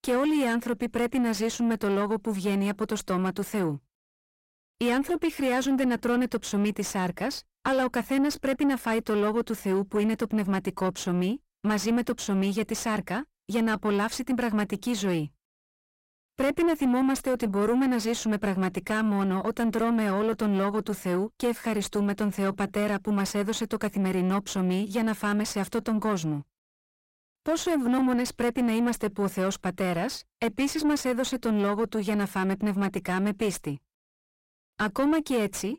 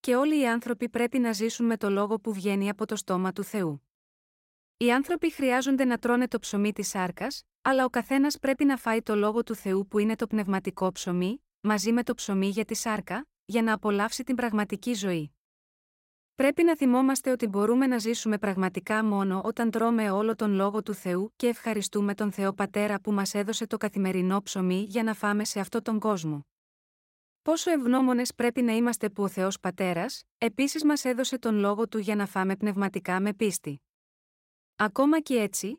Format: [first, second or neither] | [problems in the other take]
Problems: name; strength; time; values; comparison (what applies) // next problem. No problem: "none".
second | distortion; slight; 9 dB below the speech